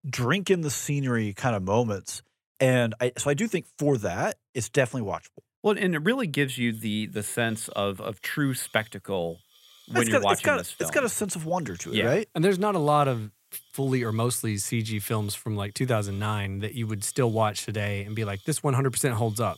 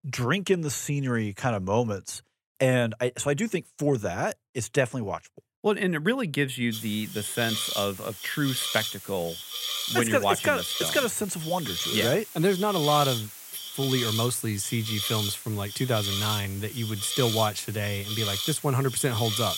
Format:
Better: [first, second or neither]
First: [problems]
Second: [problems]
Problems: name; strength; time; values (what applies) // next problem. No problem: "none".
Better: first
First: hiss; faint; from 6.5 s on; 30 dB below the speech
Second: hiss; loud; from 6.5 s on; 4 dB below the speech